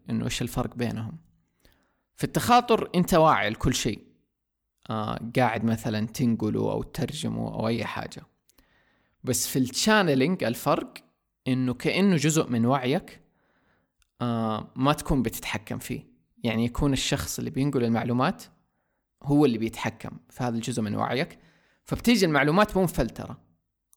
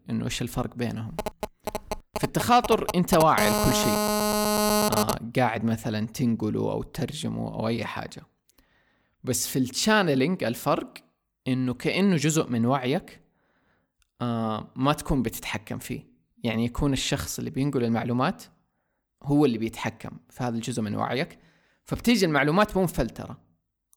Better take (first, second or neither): first